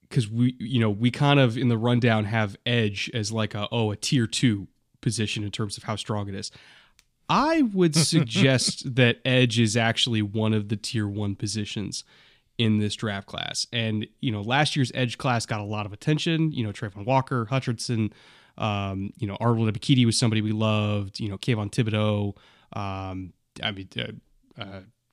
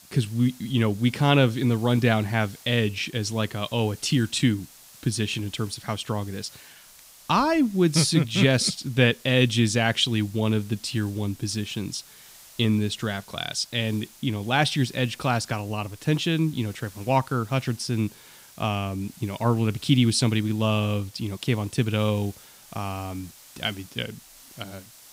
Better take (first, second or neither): first